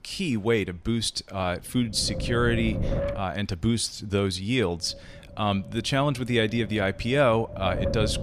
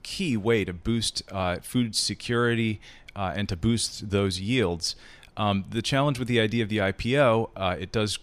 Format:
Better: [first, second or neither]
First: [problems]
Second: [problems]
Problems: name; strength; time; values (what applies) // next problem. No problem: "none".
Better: second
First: wind noise on the microphone; heavy; from 1.5 to 3 s and from 5 s on; 8 dB below the speech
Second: none